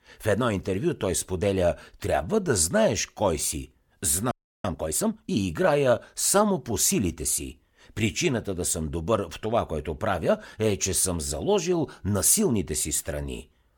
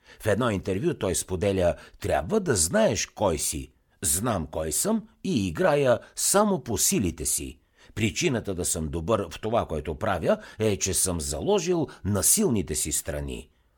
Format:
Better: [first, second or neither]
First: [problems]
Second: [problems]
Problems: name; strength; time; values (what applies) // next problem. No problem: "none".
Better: second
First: audio freezing; at 4.5 s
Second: none